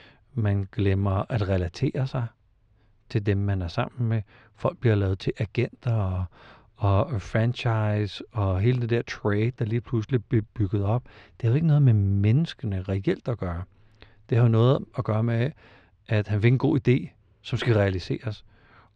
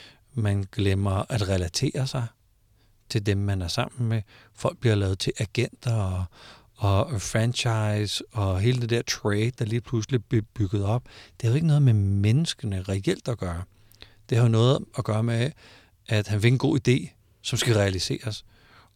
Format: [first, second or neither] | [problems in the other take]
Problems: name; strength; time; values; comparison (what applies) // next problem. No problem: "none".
second | muffled; slightly; fading above 2.5 kHz